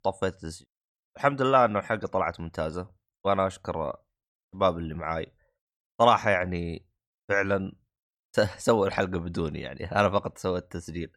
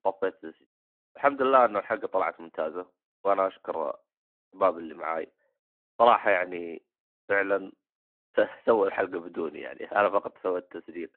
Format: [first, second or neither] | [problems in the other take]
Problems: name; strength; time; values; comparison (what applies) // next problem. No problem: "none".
first | phone-call audio